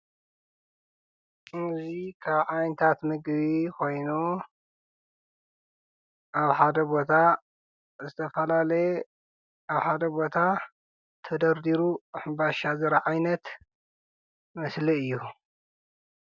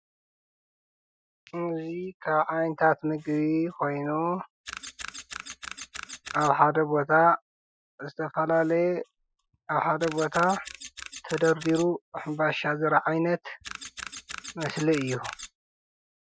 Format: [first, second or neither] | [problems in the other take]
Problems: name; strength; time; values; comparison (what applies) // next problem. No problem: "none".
first | noise reduction (classical method Wiener filter)